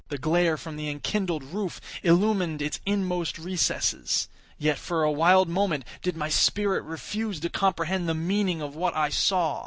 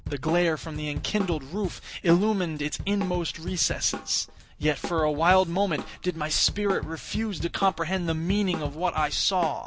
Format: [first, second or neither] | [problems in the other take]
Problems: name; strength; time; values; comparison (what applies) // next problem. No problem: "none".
first | background sound (Drum kit); 11 dB below the speech